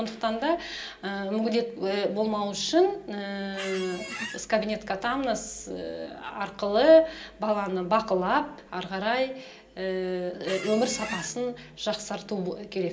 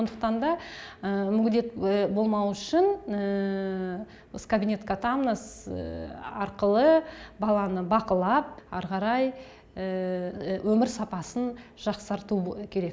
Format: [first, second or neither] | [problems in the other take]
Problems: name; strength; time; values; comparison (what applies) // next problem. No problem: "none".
second | background sound (Squeak); 10 dB below the speech // room echo; dies away in 0.2 s